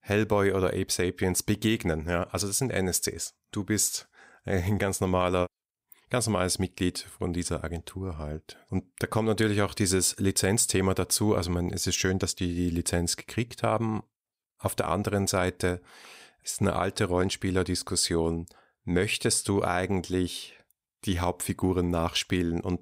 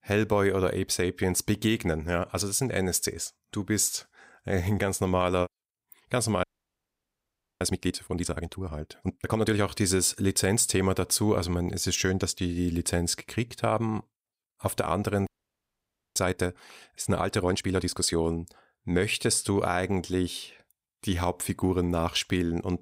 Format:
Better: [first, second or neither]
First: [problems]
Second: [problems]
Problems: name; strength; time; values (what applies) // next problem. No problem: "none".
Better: first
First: none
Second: audio freezing; at 6.5 s for 1 s and at 15 s for 1 s